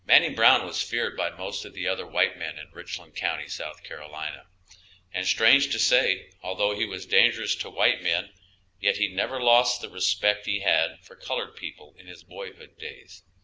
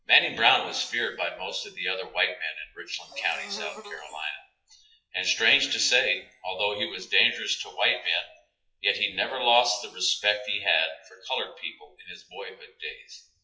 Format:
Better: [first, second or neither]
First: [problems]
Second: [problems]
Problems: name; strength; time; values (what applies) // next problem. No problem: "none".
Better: first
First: none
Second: noise reduction (classical method WPE with log-MMSE)